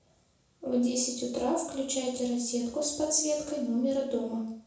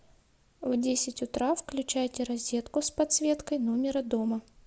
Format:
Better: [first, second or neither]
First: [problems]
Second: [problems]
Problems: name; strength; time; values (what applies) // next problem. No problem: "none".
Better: second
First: room echo; dies away in 0.7 s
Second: none